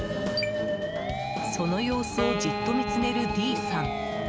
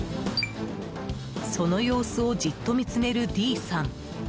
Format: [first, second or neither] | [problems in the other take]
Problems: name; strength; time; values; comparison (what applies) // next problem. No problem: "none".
second | background sound (Wind instrument, woodwind instrument + Musical instrument); 1 dB below the speech